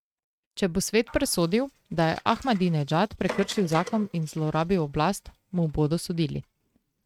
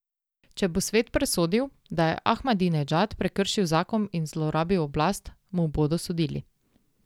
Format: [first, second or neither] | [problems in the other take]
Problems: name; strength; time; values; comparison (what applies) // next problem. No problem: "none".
second | noise reduction (neural mask model RNNoise)